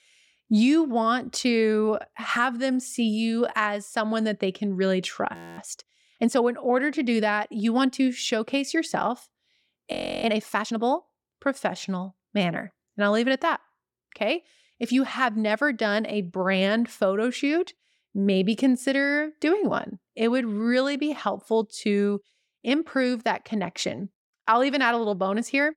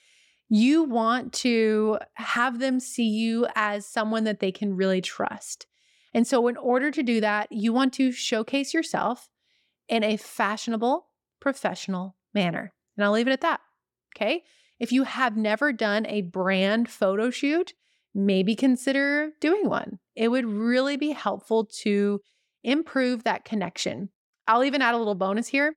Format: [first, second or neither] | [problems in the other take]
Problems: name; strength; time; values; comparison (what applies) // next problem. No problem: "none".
second | audio freezing; at 5.5 s and at 10 s